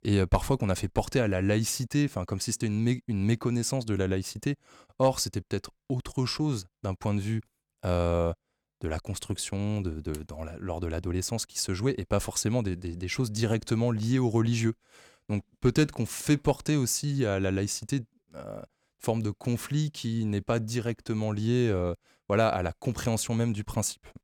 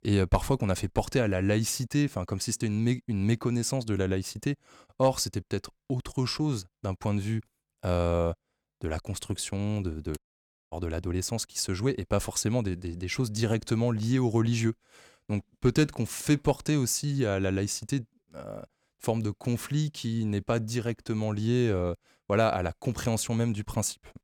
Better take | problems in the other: first | audio cutting out; at 10 s for 0.5 s

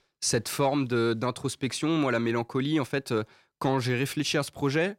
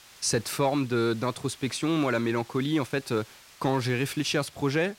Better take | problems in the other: first | hiss; faint; throughout; 20 dB below the speech

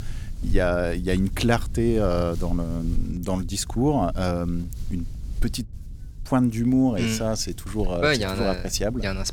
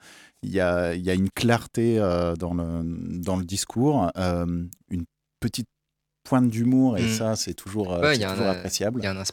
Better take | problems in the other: second | wind noise on the microphone; occasional gusts; 25 dB below the speech

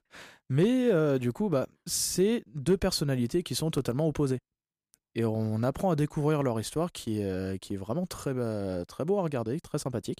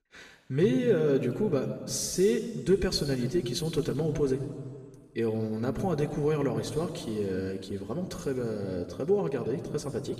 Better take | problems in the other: first | room echo; noticeable; dies away in 1.8 s // off-mic speech; somewhat distant

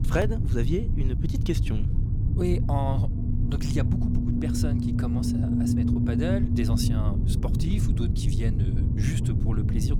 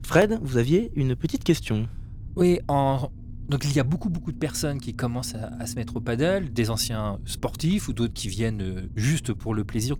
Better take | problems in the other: second | low rumble; loud; throughout; as loud as the speech; faint in the second

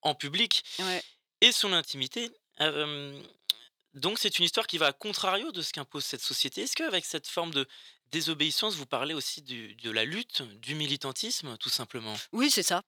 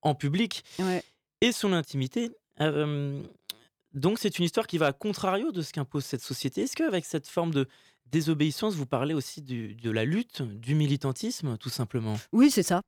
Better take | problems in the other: second | thin; somewhat; fading below 1 kHz

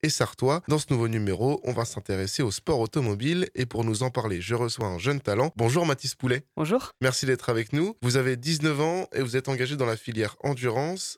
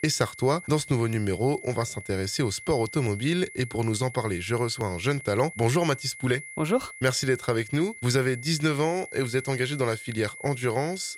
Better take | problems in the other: first | high-pitched whine; noticeable; throughout; 2 kHz, 15 dB below the speech

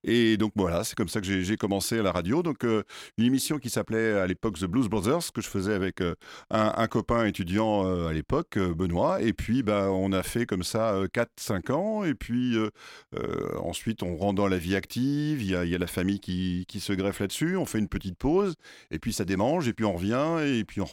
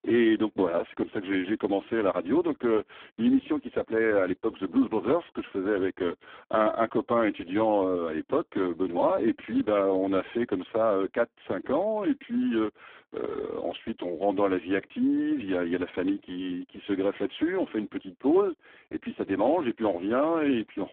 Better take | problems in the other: first | phone-call audio; poor line

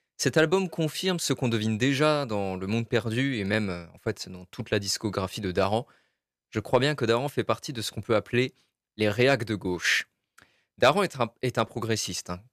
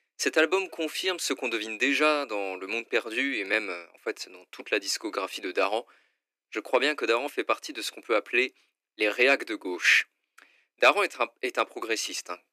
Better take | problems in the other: first | thin; somewhat; fading below 300 Hz

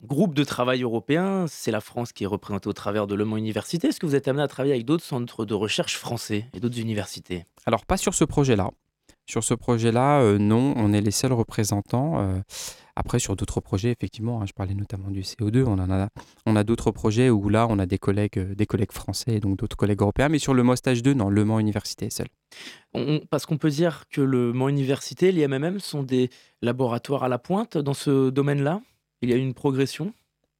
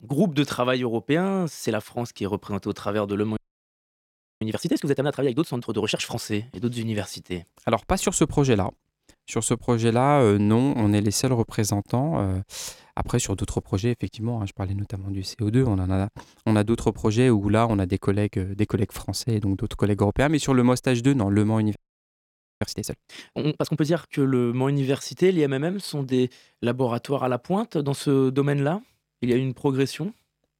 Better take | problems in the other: first | audio freezing; at 3.5 s for 1 s and at 22 s for 1 s

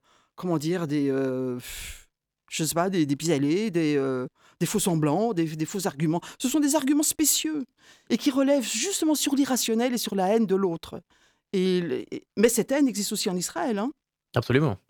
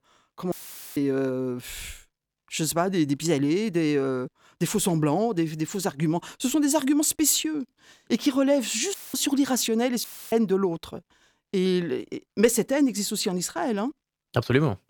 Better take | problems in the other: first | audio cutting out; filled with static; at 0.5 s, at 9 s and at 10 s

